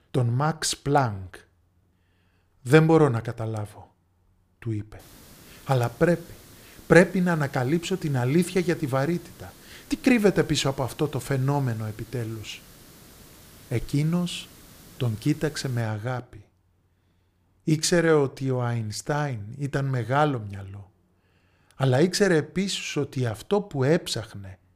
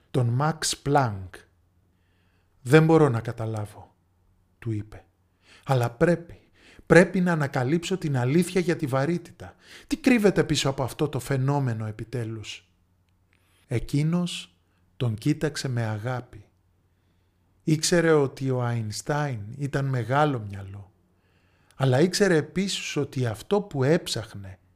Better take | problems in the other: second | hiss; faint; from 5 to 16 s; 25 dB below the speech

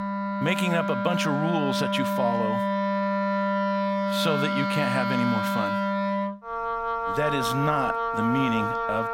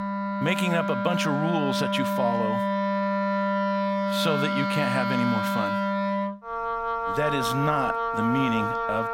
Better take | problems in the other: neither | background music; very loud; throughout; 1 dB above the speech; the same in both

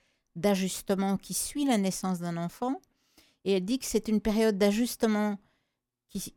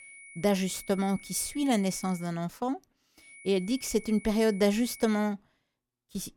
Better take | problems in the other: first | high-pitched whine; noticeable; until 2.5 s and from 3.5 to 5 s; 2 kHz, 20 dB below the speech

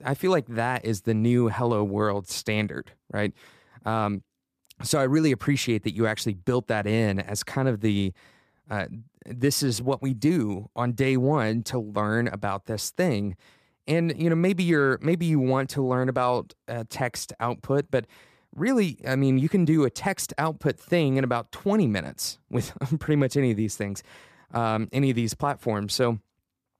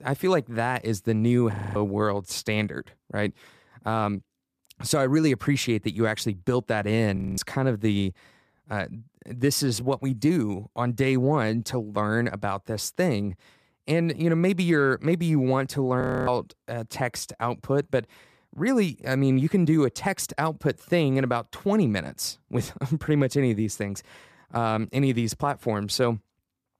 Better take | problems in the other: first | audio freezing; at 1.5 s, at 7 s and at 16 s

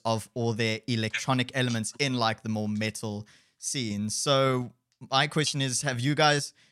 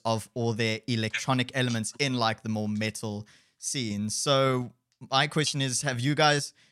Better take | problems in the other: neither | none

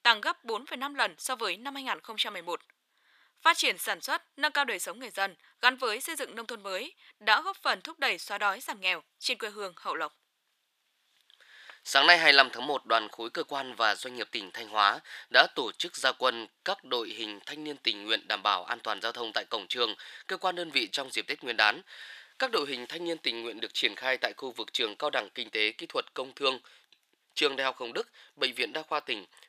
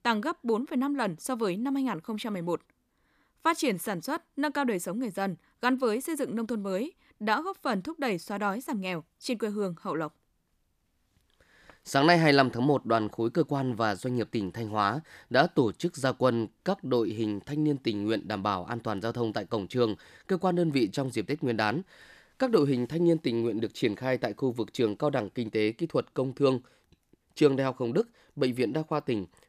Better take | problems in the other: second | thin; very; fading below 750 Hz

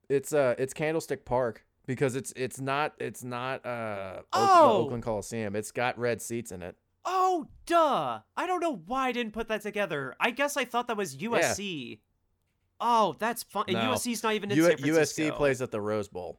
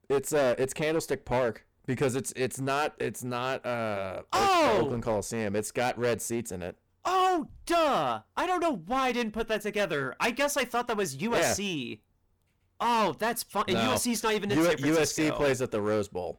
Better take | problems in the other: first | distortion; heavy; 13% of the sound clipped

